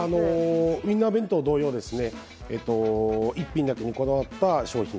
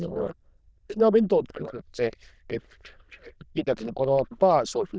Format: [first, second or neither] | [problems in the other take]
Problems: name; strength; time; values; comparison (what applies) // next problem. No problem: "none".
first | noise reduction (neural diffusion model UNIVERSE++)